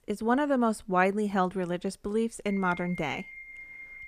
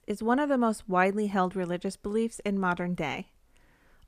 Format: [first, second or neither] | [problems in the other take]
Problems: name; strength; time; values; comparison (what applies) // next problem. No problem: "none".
second | alarm; faint; from 2.5 s on; peak 15 dB below the speech